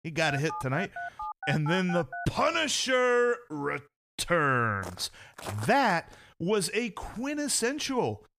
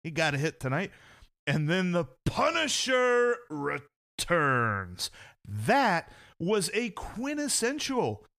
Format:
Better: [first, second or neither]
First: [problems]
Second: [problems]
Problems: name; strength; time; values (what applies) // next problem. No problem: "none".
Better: second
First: phone ringing; noticeable; until 2.5 s; peak 9 dB below the speech // footsteps; faint; from 5 to 6 s; peak 10 dB below the speech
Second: none